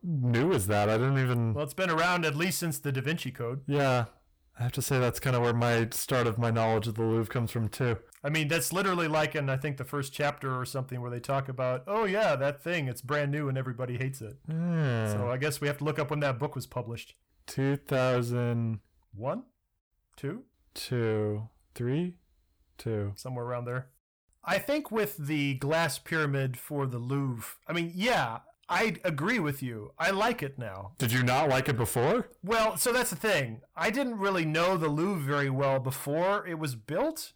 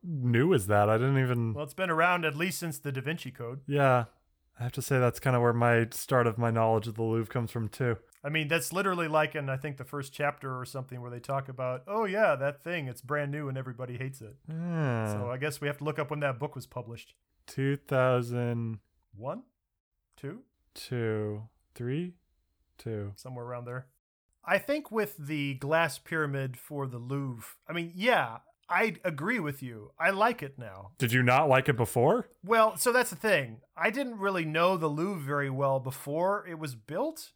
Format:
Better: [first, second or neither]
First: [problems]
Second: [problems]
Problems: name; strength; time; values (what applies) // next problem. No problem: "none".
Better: second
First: distortion; heavy; 7 dB below the speech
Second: none